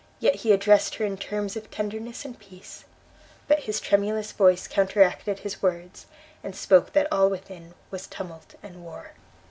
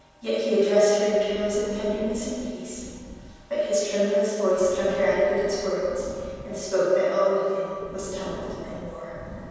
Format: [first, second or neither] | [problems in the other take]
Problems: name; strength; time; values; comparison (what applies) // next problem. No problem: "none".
first | background sound (Breathing); 16 dB below the speech // room echo; dies away in 2.1 s